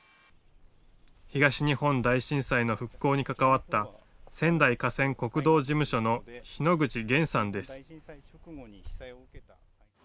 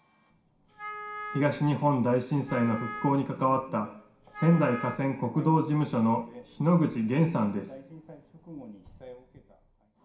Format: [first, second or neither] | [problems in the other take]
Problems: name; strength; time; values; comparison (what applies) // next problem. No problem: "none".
first | background sound (Wind instrument, woodwind instrument); 13 dB below the speech // room echo; dies away in 0.5 s